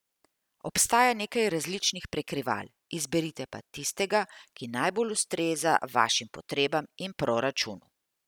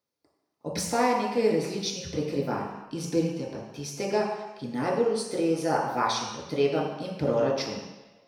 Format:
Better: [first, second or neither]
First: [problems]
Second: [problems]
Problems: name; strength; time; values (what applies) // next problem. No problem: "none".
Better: first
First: none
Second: room echo; dies away in 1 s